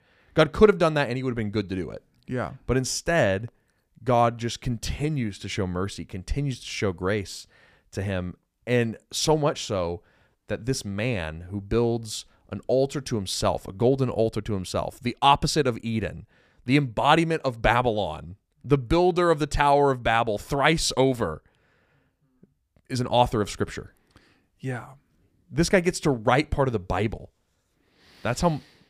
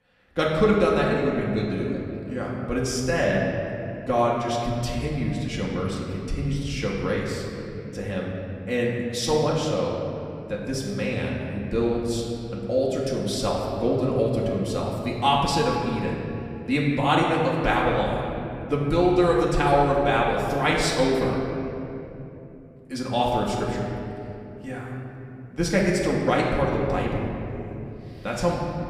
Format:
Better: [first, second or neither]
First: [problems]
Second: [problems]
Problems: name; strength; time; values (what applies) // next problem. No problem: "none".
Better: first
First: none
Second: room echo; noticeable; dies away in 2.8 s // off-mic speech; far